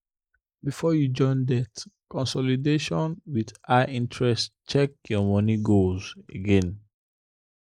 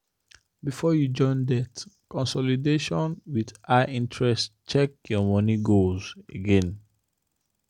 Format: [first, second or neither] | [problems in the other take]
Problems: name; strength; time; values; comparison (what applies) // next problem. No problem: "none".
second | noise reduction (neural mask model Resemble Enhance denoiser)